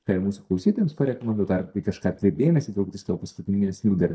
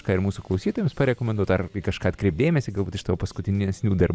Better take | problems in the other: second | noise reduction (neural mask model DeepFilterNet 3)

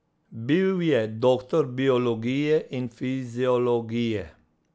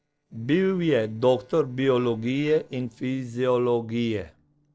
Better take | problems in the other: first | noise reduction (neural separator model SepFormer DNS4)

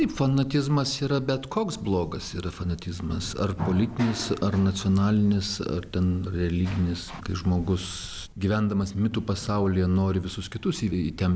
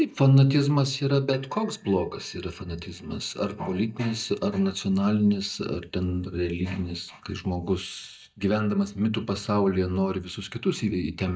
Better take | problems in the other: first | noise reduction (neural mask model DeepFilterNet 3)

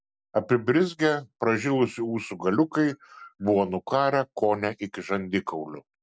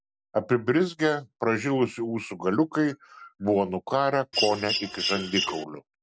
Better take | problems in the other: first | background sound (Mechanisms); 3 dB below the speech

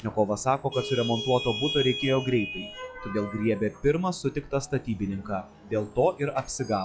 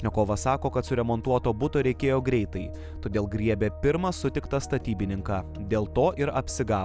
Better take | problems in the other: second | noise reduction (classical method log-MMSE)

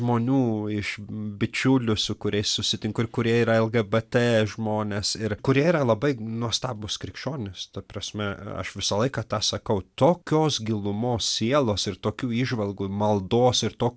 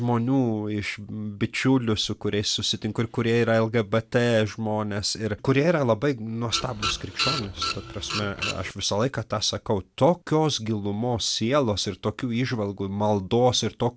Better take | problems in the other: first | background sound (Printer); 6 dB below the speech

